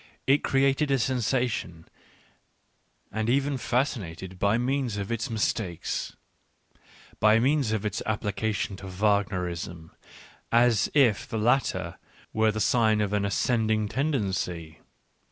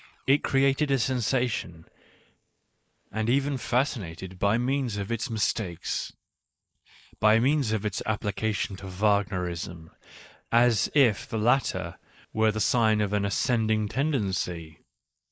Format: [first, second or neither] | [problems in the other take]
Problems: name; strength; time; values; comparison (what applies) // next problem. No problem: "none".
first | noise reduction (neural mask model Resemble Enhance denoiser)